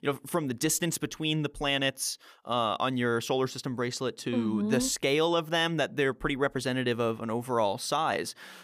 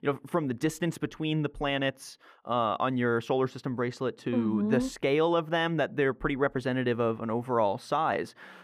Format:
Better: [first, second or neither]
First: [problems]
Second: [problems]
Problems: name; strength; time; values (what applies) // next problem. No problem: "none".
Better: first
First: none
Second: muffled; slightly; fading above 3 kHz